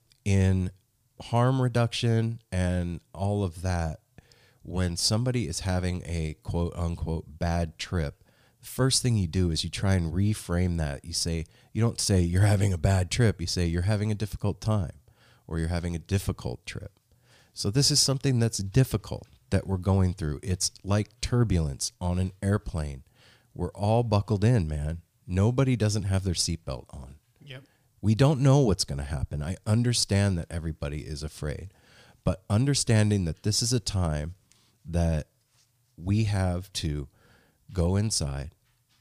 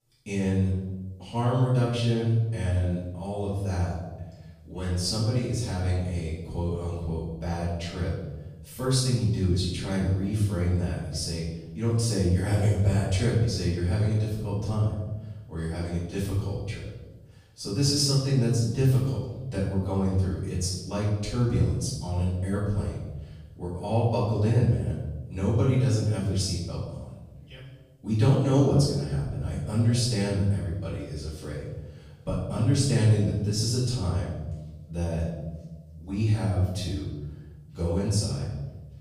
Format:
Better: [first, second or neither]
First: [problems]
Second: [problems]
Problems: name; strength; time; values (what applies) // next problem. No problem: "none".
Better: first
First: none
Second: off-mic speech; far // room echo; noticeable; dies away in 1.1 s